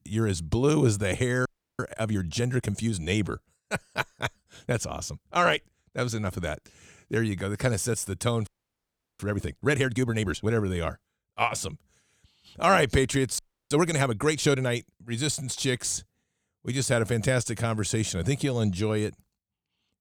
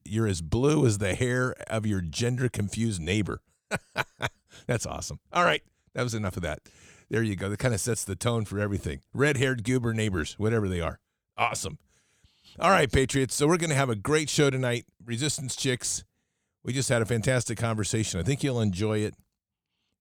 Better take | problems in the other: second | audio freezing; at 1.5 s, at 8.5 s for 0.5 s and at 13 s

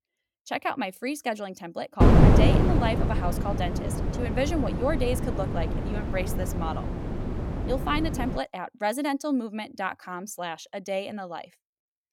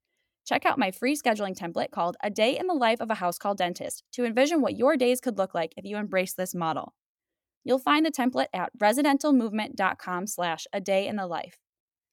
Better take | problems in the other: second | wind noise on the microphone; heavy; from 2 to 8.5 s; 1 dB below the speech

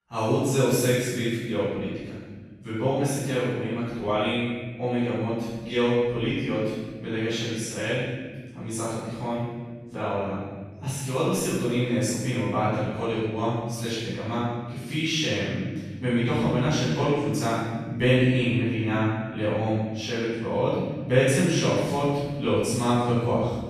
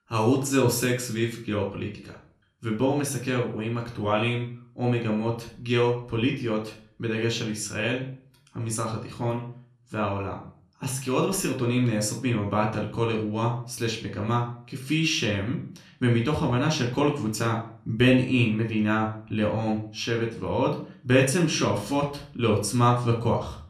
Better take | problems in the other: second | room echo; strong; dies away in 1.6 s; slight in the second // off-mic speech; far; somewhat distant in the second

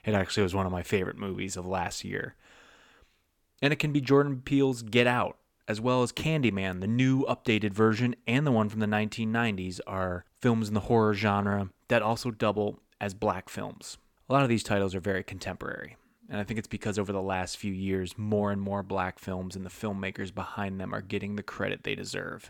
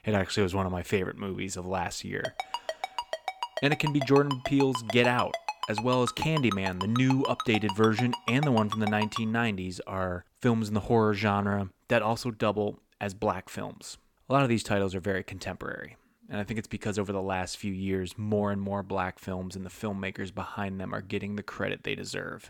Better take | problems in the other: first | phone ringing; noticeable; from 2 to 9 s; peak 5 dB below the speech

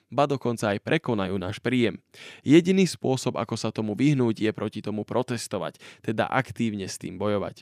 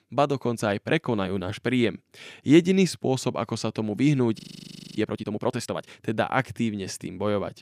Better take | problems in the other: first | audio freezing; at 4.5 s for 0.5 s

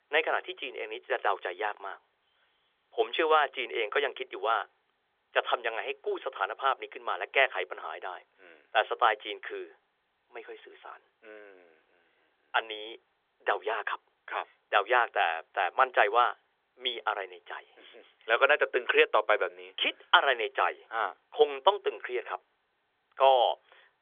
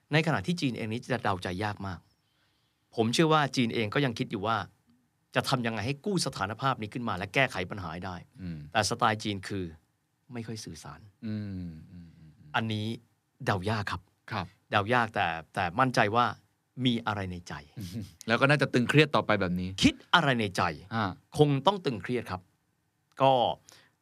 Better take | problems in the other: second | phone-call audio; nothing above 3.5 kHz

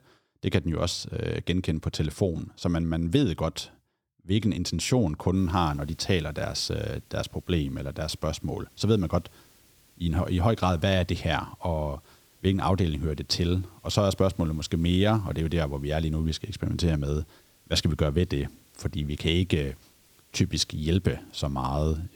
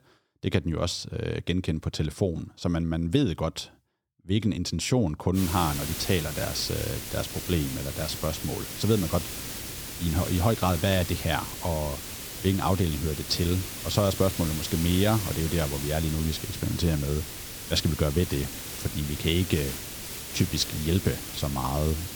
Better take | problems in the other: first | hiss; loud; from 5.5 s on; 6 dB below the speech; faint in the first

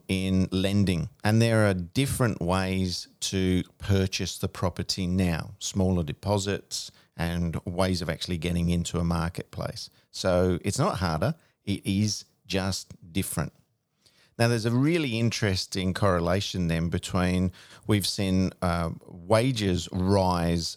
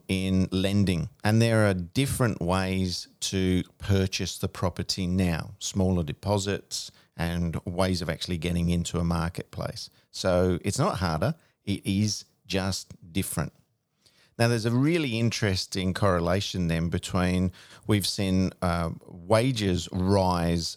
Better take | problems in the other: neither | none

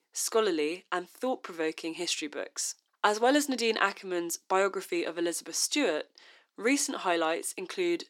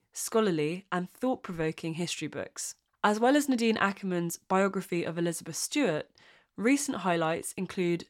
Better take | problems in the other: second | thin; very slightly; fading below 300 Hz

